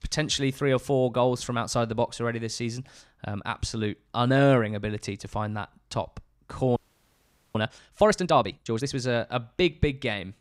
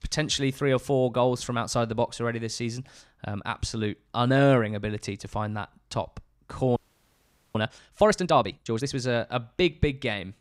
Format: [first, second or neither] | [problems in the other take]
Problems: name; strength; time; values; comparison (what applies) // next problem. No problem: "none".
neither | audio freezing; at 7 s for 1 s; the same in both